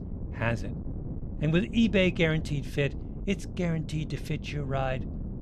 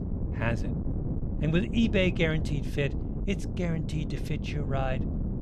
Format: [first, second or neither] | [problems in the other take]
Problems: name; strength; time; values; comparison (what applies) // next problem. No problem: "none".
first | wind noise on the microphone; heavy; 9 dB below the speech; occasional gusts in the first